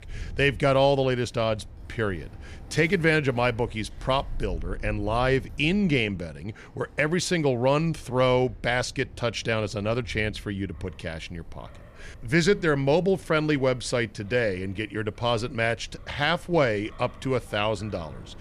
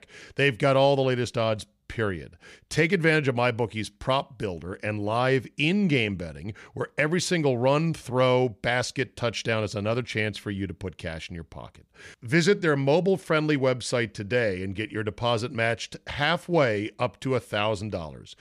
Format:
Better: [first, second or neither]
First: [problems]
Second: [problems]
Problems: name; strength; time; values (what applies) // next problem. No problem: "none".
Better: second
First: wind in the background; noticeable; throughout; 20 dB below the speech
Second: none